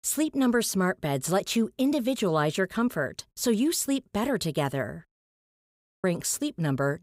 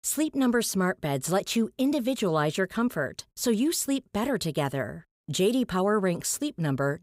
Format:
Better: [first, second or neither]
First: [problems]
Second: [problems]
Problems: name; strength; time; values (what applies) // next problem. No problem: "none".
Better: second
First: audio cutting out; at 5 s for 1 s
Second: none